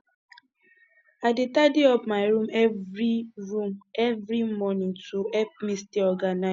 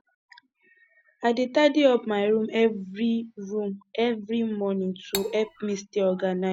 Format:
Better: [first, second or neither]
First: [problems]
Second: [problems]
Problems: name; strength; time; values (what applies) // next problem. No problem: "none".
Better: first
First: none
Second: background sound (Cutlery, silverware); 10 dB below the speech